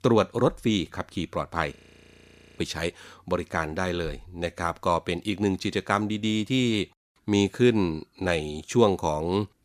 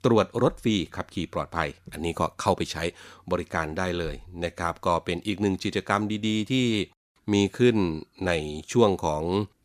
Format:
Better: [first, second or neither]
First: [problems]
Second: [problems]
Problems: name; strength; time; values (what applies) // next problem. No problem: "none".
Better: second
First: audio freezing; at 2 s for 1 s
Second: none